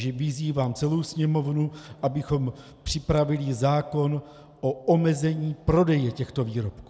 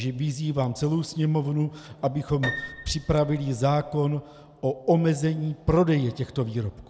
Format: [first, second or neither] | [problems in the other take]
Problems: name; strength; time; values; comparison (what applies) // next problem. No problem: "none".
first | background sound (Piano); 12 dB below the speech